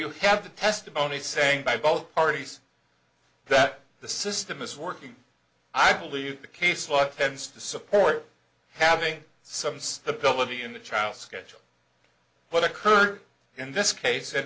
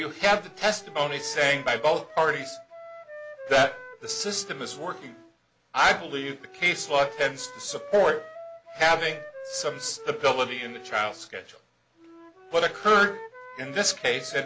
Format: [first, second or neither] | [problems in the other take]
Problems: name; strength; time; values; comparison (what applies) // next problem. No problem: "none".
first | background sound (Wind instrument, woodwind instrument); 16 dB below the speech